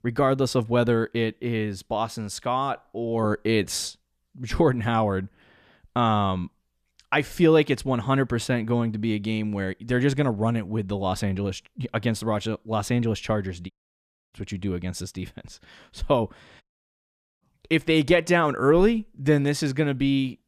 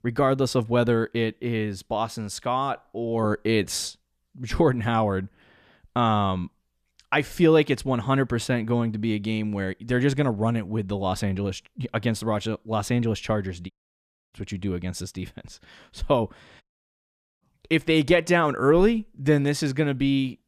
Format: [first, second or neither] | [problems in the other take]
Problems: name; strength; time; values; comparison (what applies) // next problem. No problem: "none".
neither | audio cutting out; at 14 s for 0.5 s and at 17 s for 1 s; the same in both